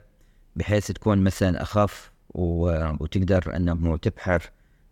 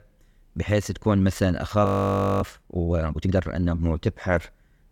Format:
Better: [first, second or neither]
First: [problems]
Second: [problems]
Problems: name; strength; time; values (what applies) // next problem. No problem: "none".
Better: first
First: none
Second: audio freezing; at 2 s for 0.5 s